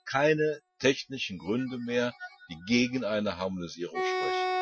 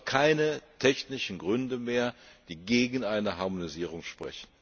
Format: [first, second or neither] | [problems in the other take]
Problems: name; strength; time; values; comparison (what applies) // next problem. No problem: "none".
second | noise reduction (classical method Wiener filter)